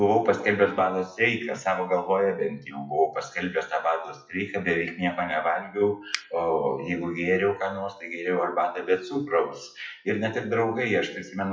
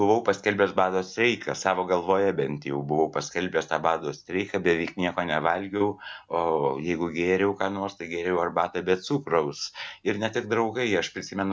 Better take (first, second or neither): second